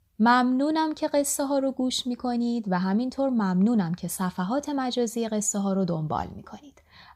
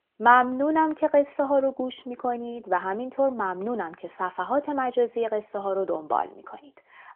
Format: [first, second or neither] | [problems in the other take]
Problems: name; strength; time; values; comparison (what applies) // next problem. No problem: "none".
first | phone-call audio; nothing above 3.5 kHz